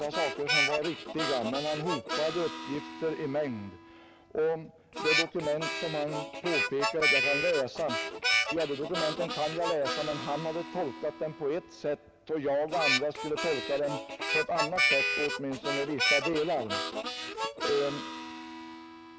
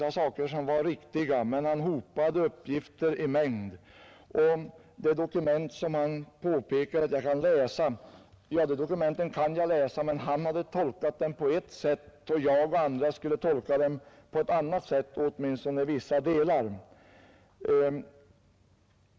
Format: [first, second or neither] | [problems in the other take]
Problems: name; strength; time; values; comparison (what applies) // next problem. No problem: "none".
second | background sound (Harmonica); as loud as the speech